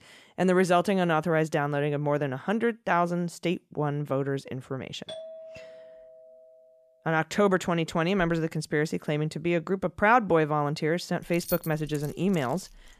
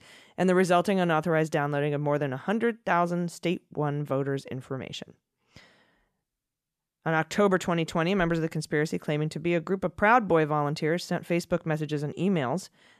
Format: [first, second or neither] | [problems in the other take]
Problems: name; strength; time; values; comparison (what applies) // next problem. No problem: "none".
second | doorbell; faint; from 5 to 6.5 s; peak 15 dB below the speech // jangling keys; noticeable; from 11 s on; peak 9 dB below the speech